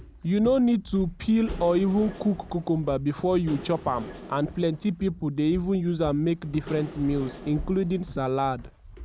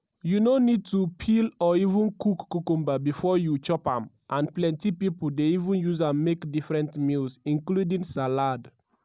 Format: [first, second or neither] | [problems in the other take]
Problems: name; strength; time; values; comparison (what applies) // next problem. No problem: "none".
second | background sound (Engine / Mechanisms + Walk, footsteps); 15 dB below the speech